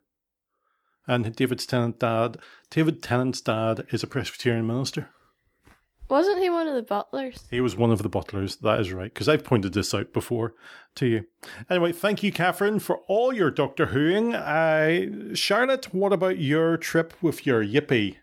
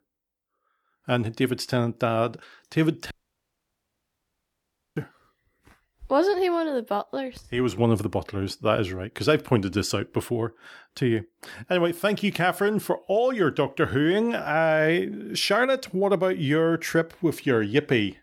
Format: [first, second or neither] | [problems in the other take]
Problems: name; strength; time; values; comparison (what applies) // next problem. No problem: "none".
first | audio cutting out; at 3 s for 2 s